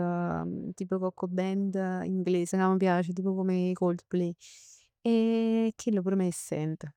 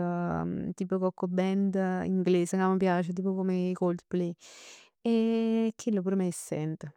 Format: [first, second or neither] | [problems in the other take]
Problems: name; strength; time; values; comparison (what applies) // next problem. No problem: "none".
second | noise reduction (neural mask model DeepFilterNet 3)